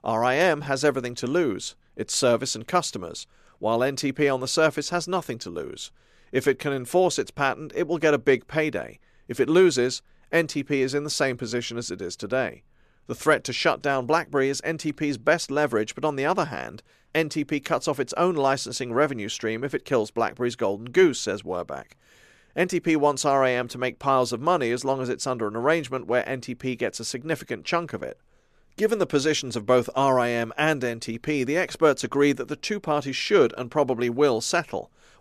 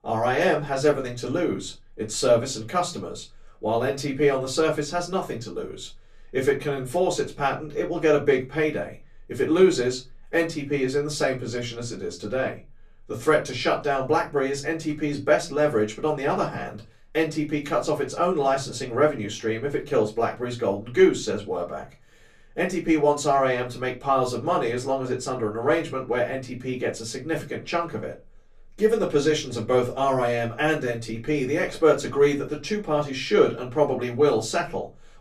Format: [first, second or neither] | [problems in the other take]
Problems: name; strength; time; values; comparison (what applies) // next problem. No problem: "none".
first | off-mic speech; far // room echo; very slight; dies away in 0.2 s